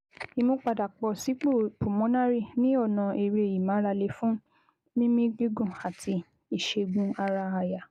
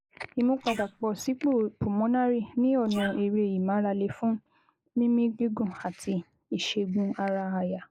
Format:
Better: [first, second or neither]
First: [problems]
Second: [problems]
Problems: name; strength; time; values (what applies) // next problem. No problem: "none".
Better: first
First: none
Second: noise reduction (neural mask model Resemble Enhance denoiser)